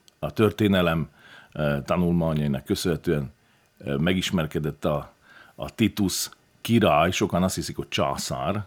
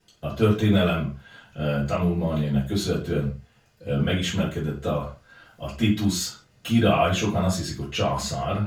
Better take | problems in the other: first | room echo; noticeable; dies away in 0.3 s // off-mic speech; far

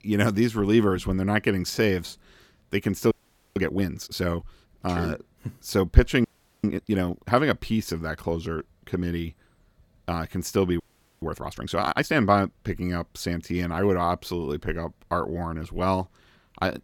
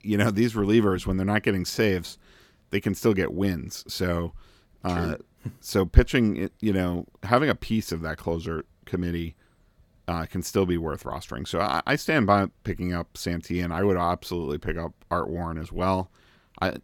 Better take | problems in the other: second | audio freezing; at 3 s, at 6 s and at 11 s

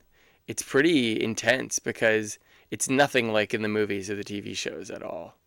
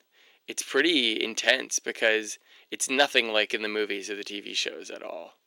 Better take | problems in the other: first | thin; very slightly; fading below 300 Hz

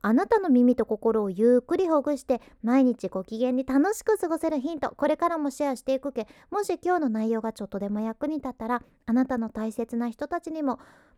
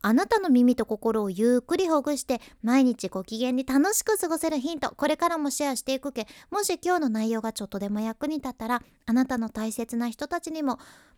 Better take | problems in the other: second | muffled; slightly; fading above 2.5 kHz

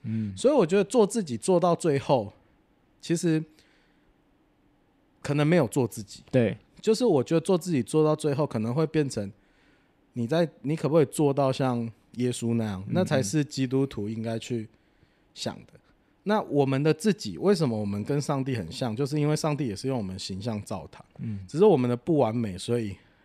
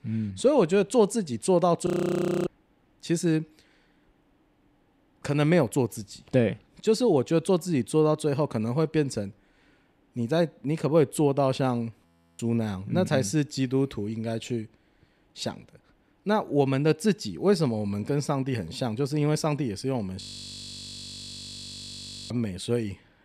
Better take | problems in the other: first | audio freezing; at 2 s for 0.5 s, at 12 s and at 20 s for 2 s

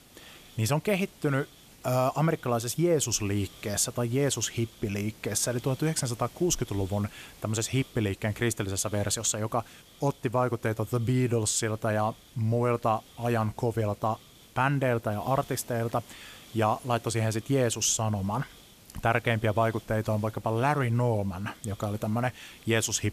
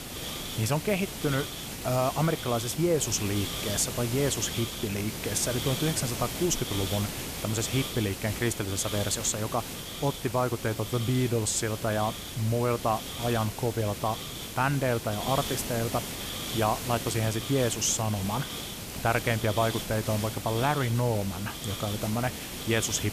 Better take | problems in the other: first | hiss; loud; throughout; 6 dB below the speech; faint in the first

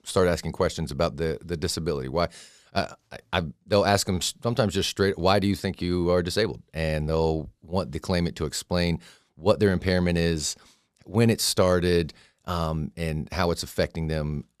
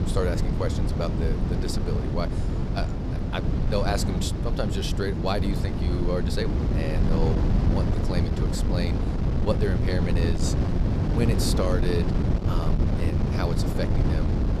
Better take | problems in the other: first | wind noise on the microphone; heavy; 2 dB below the speech

